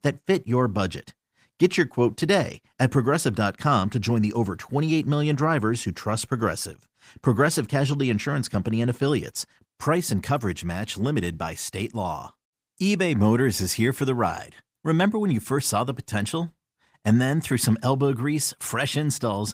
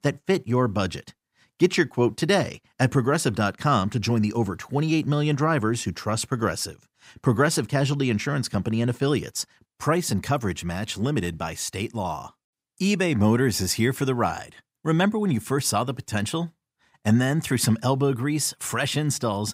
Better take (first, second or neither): second